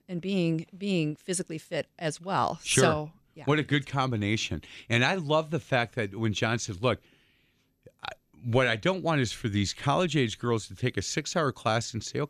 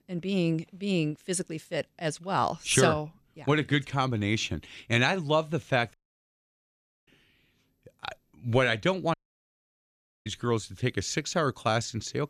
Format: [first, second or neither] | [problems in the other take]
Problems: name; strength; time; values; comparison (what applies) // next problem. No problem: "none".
first | audio cutting out; at 6 s for 1 s and at 9 s for 1 s